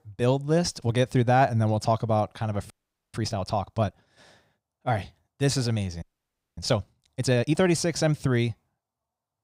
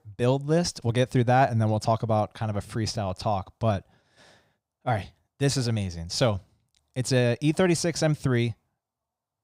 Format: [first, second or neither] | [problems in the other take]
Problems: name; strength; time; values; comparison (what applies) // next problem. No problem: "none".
second | audio freezing; at 2.5 s and at 6 s for 0.5 s